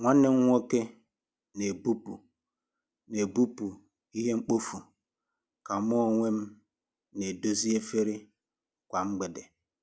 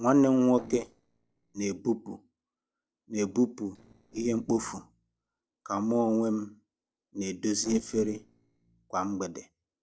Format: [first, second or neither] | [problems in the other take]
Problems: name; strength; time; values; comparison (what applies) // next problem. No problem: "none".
first | noise reduction (neural separator model SepFormer DNS4)